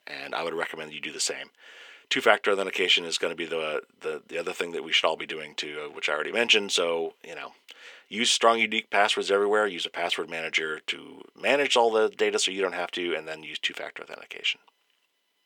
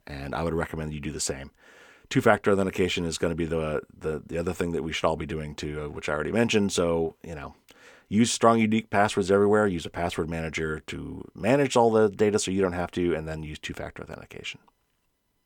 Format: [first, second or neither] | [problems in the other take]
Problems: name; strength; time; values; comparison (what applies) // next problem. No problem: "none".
second | thin; somewhat; fading below 450 Hz